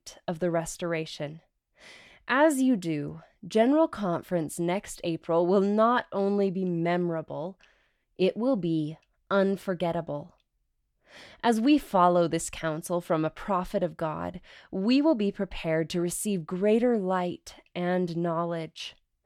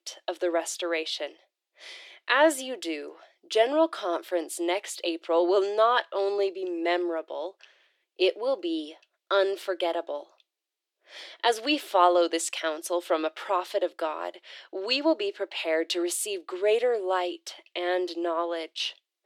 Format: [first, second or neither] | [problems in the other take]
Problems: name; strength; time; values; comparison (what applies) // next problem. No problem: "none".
first | thin; very; fading below 350 Hz